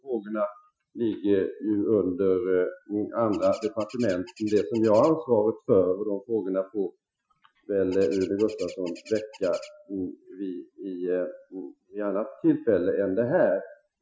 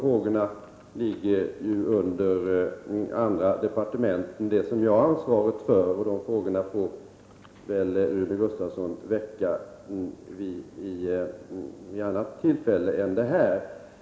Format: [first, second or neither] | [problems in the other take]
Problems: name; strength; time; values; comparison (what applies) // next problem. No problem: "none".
second | noise reduction (classical method Wiener filter)